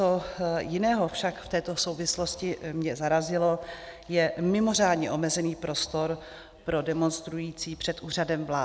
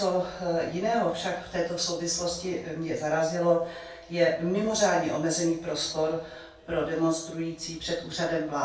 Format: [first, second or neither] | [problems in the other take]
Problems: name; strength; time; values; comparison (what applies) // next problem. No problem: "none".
first | room echo; dies away in 0.3 s